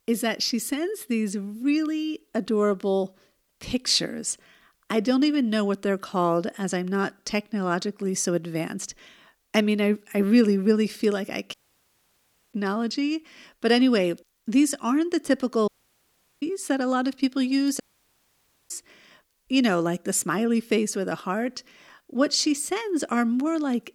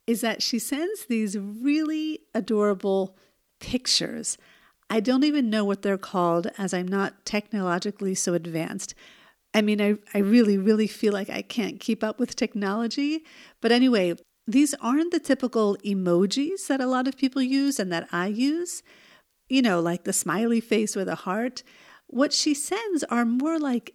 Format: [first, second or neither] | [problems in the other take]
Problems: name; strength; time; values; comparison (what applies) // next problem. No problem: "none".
second | audio cutting out; at 12 s for 1 s, at 16 s for 0.5 s and at 18 s for 1 s